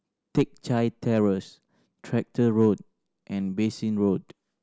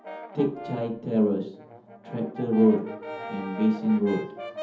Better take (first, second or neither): first